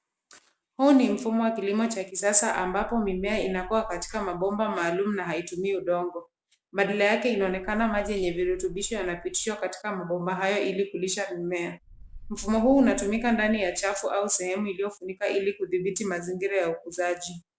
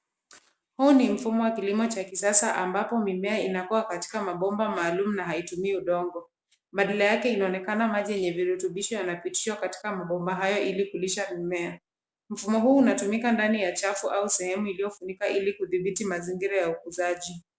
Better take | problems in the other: second | background sound (Wind); 16 dB below the speech

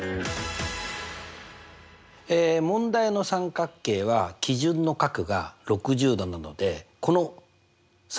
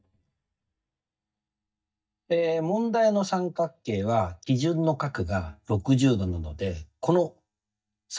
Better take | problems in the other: first | noise reduction (neural mask model DeepFilterNet 3)

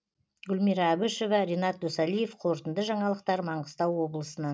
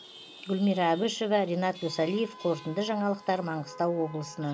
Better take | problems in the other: first | background sound (Chatter / Traffic noise, roadway noise / Vehicle horn, car horn, honking / Engine); 19 dB below the speech

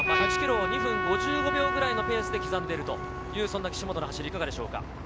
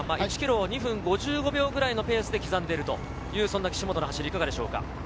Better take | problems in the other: second | background sound (Piano + Trumpet); as loud as the speech

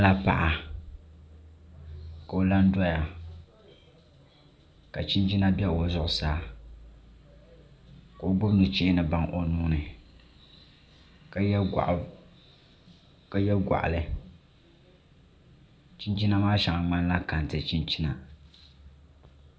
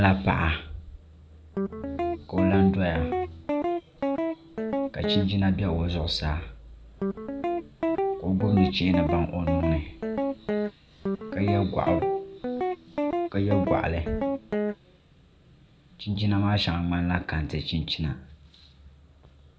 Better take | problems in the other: first | background sound (Guitar); 1 dB below the speech

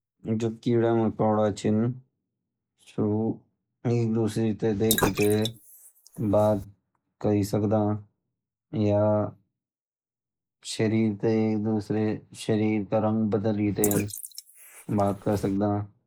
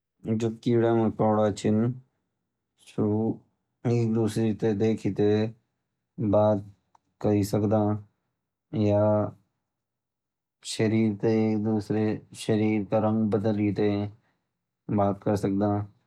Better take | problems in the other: second | noise reduction (neural mask model Resemble Enhance denoiser)

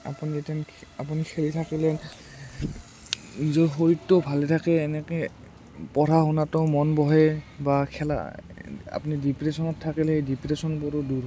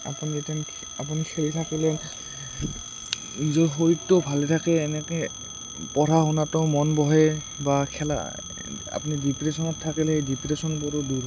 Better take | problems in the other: first | background sound (Telephone); 13 dB below the speech

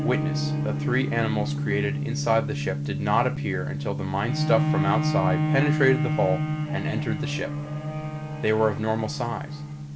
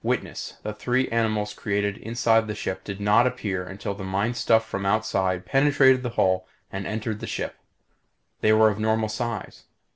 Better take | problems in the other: second | background sound (Bowed string instrument + Gong); as loud as the speech

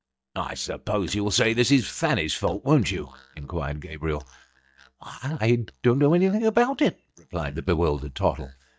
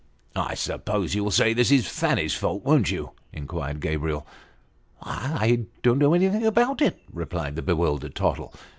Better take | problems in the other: second | noise reduction (neural mask model DeepFilterNet 3)

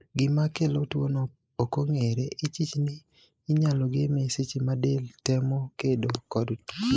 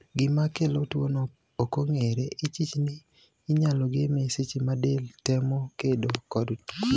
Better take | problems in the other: second | noise reduction (neural mask model Resemble Enhance denoiser)

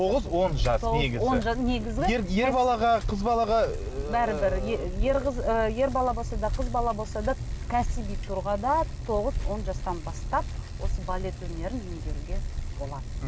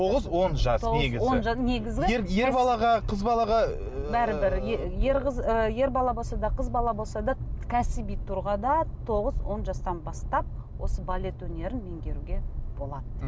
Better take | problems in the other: second | background sound (Bicycle); 15 dB below the speech

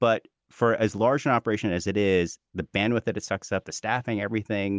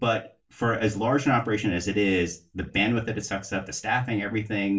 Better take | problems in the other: first | room echo; dies away in 0.2 s

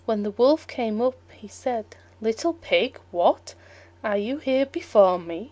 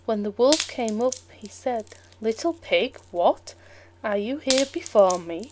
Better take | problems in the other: first | background sound (Wood); 12 dB below the speech

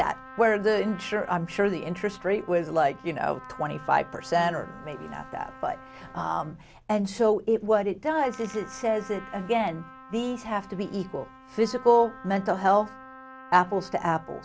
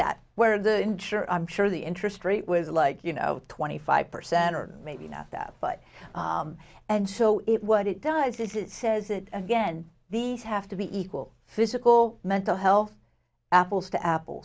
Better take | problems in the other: second | background sound (Trumpet); 19 dB below the speech

